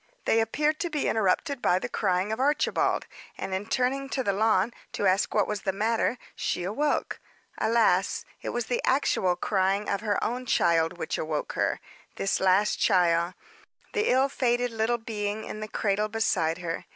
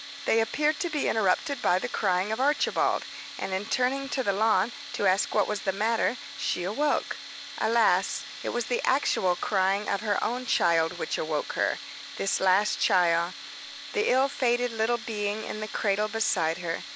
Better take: first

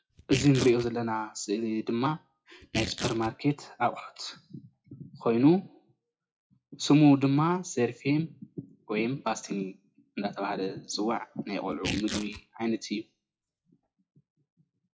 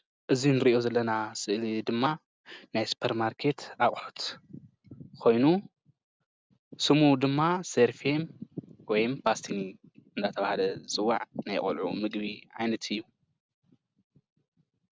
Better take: second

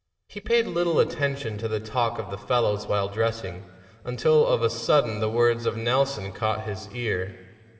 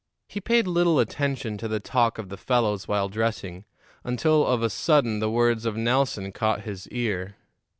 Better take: second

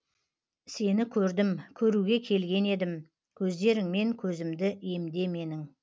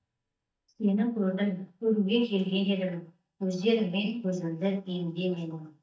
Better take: first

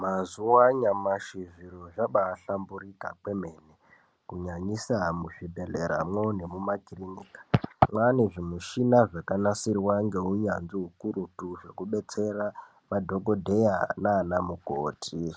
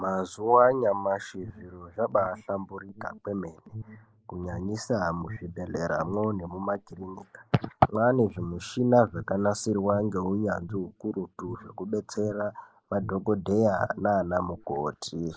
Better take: first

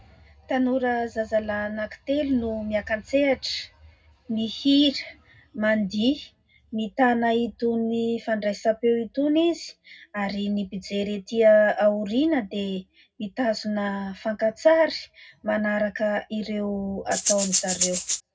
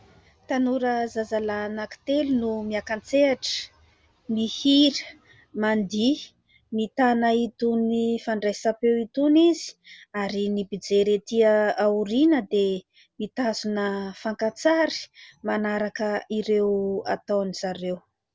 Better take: second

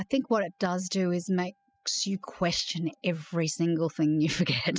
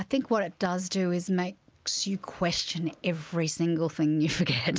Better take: second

